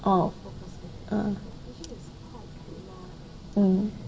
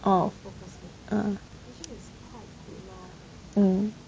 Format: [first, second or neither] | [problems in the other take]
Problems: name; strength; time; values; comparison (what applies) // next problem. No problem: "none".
second | background sound (Train); 15 dB below the speech // room echo; dies away in 0.5 s